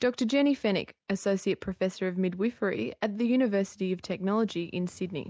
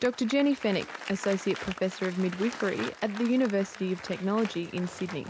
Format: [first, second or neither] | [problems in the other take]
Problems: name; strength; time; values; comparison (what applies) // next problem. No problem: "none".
first | background sound (Applause); 13 dB below the speech